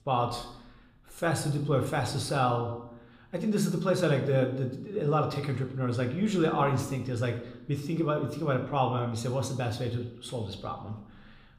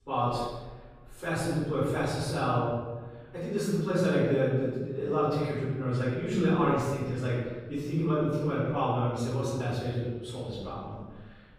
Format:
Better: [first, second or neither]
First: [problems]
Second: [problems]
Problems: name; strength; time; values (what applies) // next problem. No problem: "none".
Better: first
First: room echo; slight; dies away in 0.6 s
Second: room echo; strong; dies away in 1.2 s // off-mic speech; far